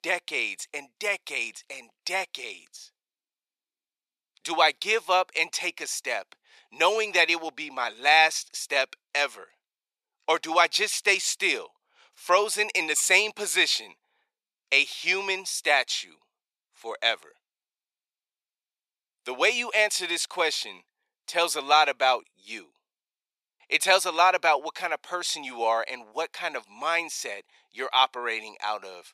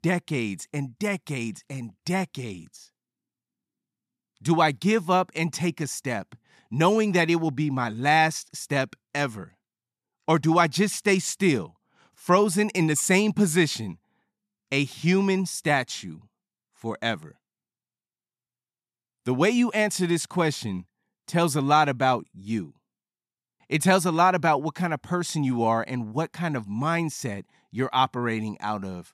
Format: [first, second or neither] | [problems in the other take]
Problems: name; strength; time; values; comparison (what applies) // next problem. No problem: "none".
second | thin; very; fading below 500 Hz